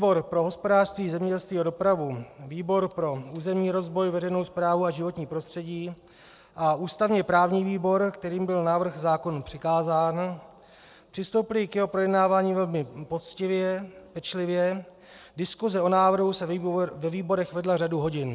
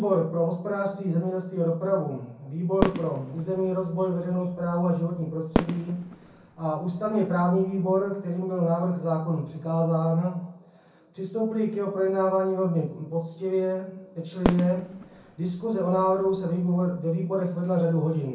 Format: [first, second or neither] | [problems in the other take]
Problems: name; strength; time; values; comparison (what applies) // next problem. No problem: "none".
first | background sound (Fireworks); 7 dB below the speech // room echo; dies away in 0.6 s